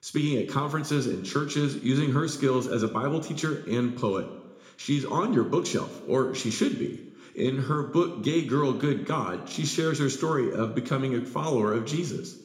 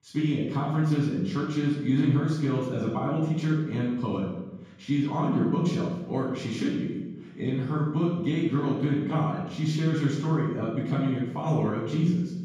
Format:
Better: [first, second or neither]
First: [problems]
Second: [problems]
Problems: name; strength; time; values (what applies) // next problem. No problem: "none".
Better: first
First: room echo; slight; dies away in 0.6 s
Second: room echo; strong; dies away in 1.3 s // off-mic speech; far